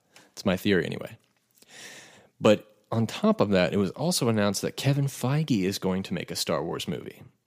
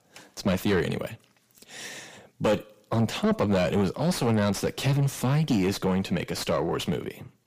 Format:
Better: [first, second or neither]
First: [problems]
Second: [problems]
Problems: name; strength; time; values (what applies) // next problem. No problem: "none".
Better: first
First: none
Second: distortion; heavy; 6 dB below the speech